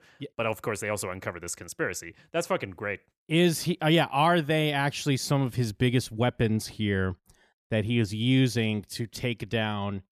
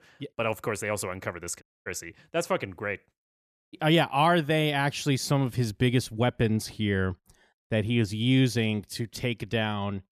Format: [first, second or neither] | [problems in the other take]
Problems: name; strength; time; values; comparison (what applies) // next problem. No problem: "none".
first | audio cutting out; at 1.5 s and at 3.5 s